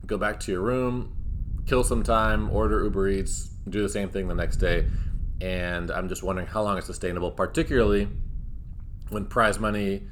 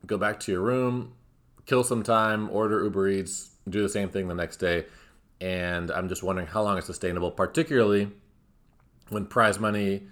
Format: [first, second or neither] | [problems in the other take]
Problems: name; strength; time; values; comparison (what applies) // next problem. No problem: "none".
second | wind noise on the microphone; occasional gusts; 25 dB below the speech